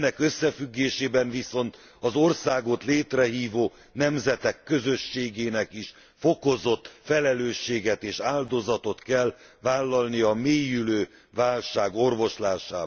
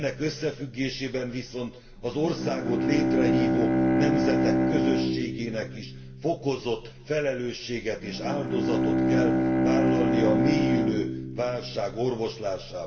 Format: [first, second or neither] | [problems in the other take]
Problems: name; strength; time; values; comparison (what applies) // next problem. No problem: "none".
first | background sound (Bowed string instrument); 3 dB above the speech // room echo; dies away in 0.8 s